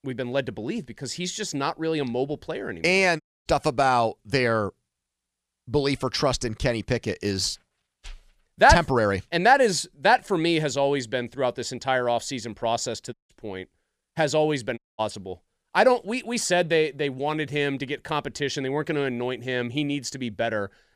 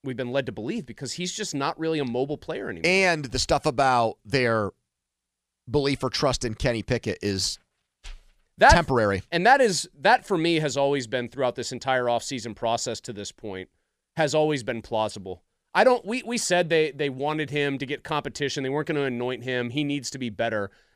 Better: second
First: audio cutting out; at 3 s, at 13 s and at 15 s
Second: none

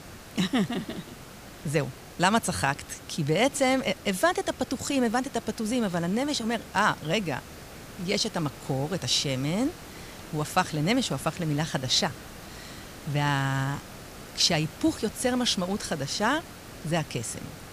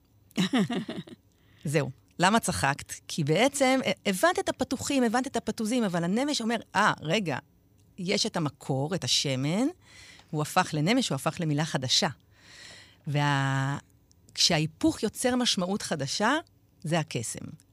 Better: second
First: hiss; noticeable; throughout; 15 dB below the speech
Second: none

